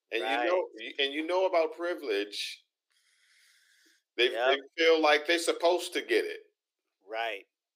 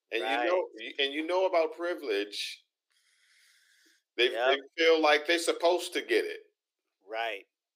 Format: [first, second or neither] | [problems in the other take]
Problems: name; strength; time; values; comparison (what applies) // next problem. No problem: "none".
neither | thin; somewhat; fading below 300 Hz; the same in both